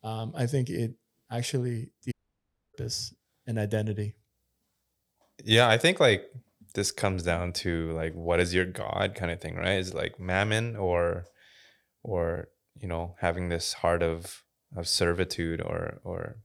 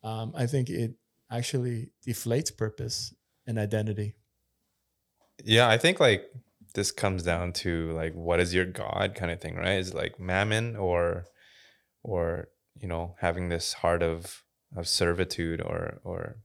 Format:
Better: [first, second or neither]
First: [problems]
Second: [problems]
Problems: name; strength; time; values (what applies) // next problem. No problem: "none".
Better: second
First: audio cutting out; at 2 s for 0.5 s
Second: none